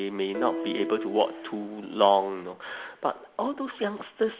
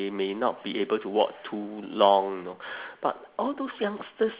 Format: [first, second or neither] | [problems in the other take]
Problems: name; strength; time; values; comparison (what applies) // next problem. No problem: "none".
second | background sound (Piano); 9 dB below the speech